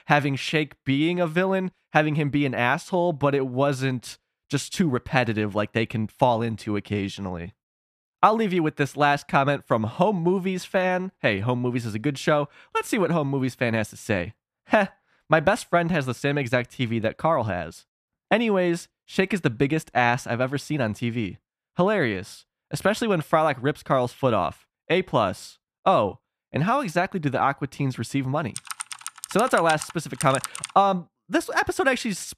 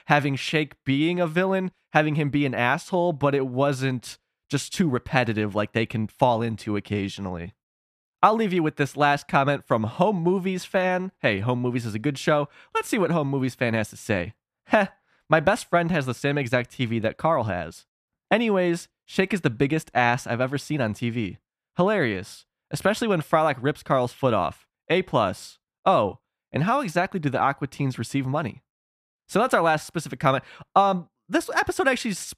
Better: second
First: keyboard typing; noticeable; from 29 to 31 s; peak 7 dB below the speech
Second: none

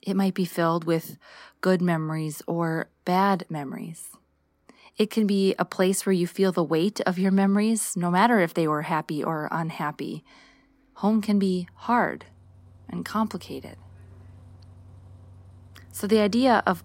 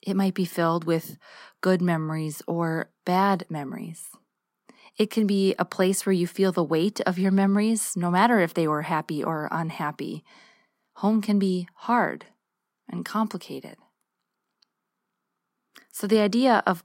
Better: second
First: traffic noise; faint; throughout; 25 dB below the speech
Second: none

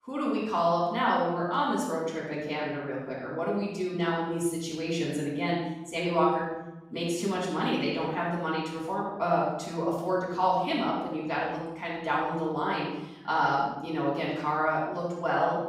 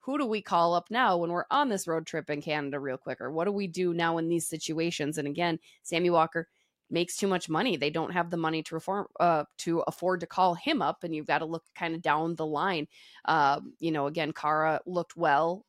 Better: second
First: room echo; noticeable; dies away in 0.9 s // off-mic speech; far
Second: none

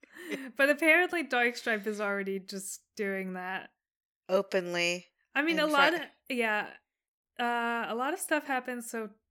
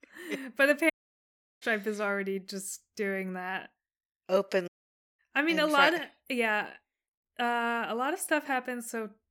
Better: first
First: none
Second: audio cutting out; at 1 s for 0.5 s and at 4.5 s for 0.5 s

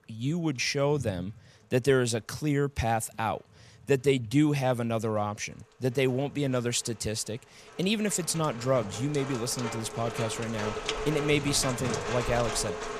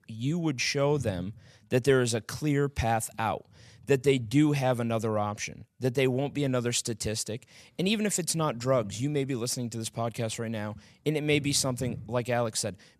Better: second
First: rain or running water; loud; throughout; 7 dB below the speech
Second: none

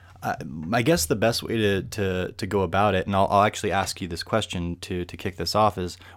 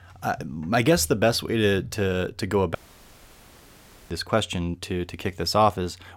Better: first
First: none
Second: audio cutting out; at 3 s for 1.5 s

